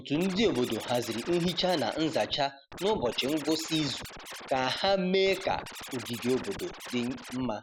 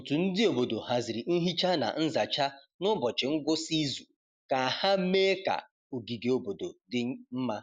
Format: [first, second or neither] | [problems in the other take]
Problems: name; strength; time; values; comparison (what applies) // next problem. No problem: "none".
second | background sound (Scratching (performance technique)); 13 dB below the speech